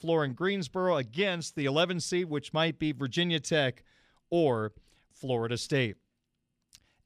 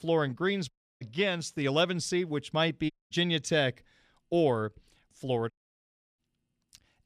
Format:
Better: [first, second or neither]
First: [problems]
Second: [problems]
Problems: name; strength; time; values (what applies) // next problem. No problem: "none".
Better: first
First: none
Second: audio cutting out; at 0.5 s, at 3 s and at 5.5 s for 0.5 s